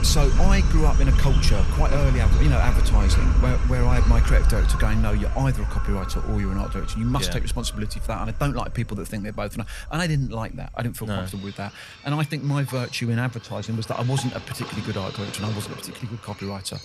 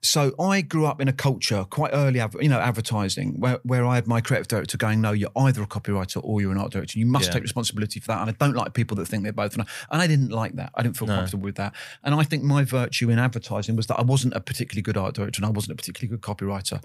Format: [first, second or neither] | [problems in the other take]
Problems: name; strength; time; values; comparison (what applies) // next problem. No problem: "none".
second | animal sounds; very loud; throughout; 3 dB above the speech